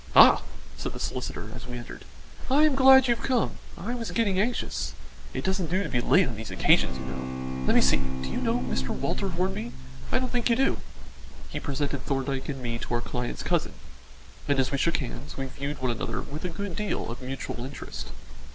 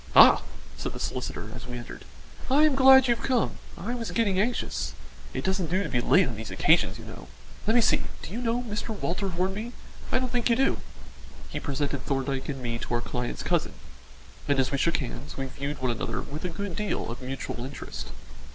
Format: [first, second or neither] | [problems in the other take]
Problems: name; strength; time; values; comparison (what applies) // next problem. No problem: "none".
second | background sound (Bowed string instrument); 11 dB below the speech